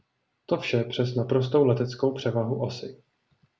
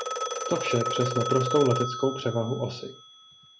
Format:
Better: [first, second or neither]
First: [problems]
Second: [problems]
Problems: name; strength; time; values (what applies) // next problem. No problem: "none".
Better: first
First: none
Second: background sound (Telephone); 4 dB below the speech